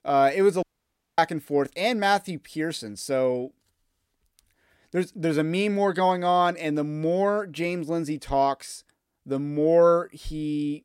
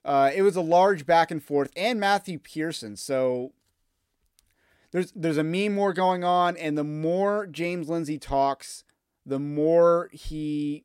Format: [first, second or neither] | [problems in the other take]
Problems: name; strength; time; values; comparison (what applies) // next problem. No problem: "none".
second | audio cutting out; at 0.5 s for 0.5 s